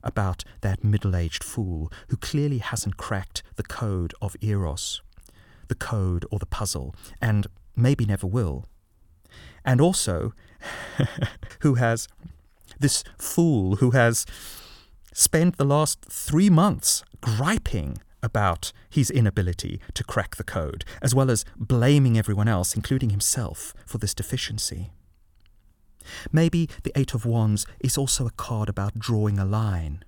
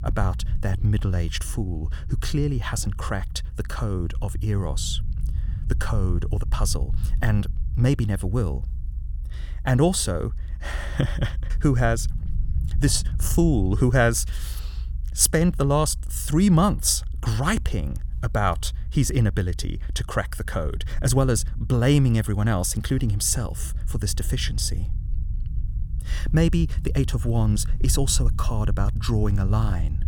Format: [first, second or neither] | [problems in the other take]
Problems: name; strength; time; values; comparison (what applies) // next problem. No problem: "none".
first | low rumble; faint; throughout; 20 dB below the speech